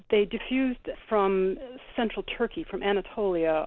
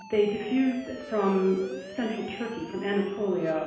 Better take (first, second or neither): first